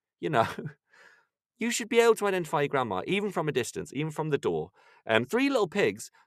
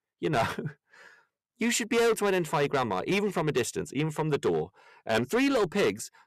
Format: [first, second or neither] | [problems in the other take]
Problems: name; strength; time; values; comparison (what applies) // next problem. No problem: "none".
first | distortion; heavy; 8% of the sound clipped